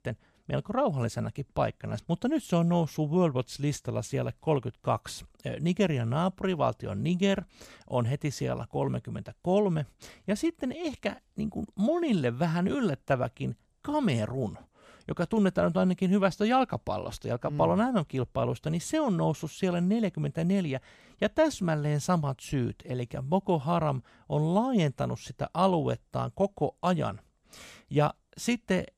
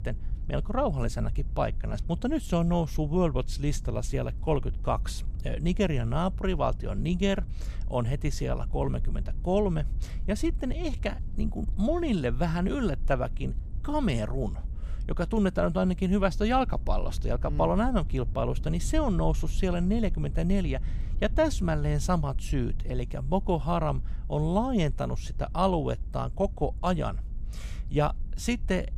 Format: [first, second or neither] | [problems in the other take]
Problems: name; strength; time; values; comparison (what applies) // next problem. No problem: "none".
first | low rumble; faint; throughout; 25 dB below the speech